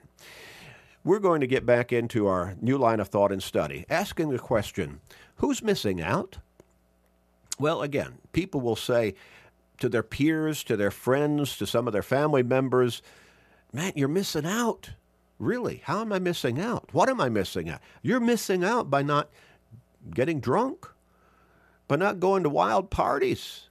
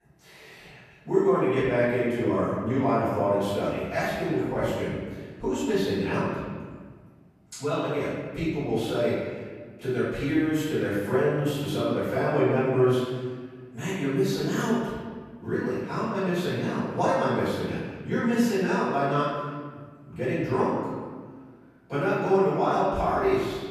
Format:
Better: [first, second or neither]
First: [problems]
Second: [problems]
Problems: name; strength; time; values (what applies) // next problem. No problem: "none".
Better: first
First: none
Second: off-mic speech; far // room echo; strong; dies away in 1.6 s